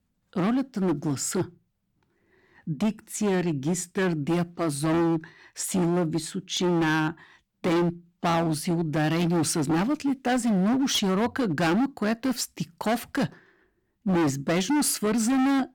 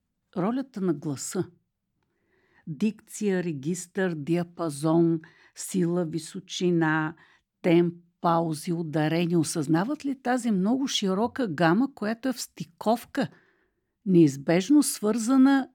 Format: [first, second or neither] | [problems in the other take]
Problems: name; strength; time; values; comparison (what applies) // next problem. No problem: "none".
second | distortion; heavy; 19% of the sound clipped